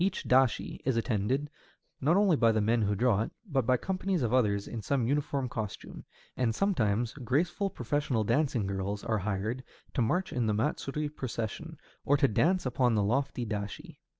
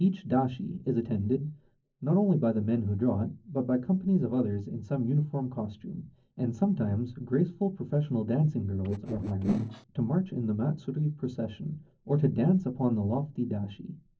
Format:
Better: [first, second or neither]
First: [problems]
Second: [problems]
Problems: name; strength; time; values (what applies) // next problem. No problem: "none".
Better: first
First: none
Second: noise reduction (neural separator model SepFormer DNS4)